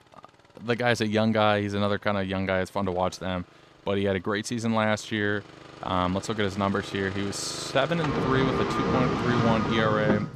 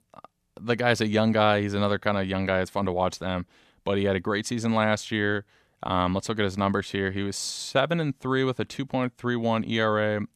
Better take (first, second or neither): second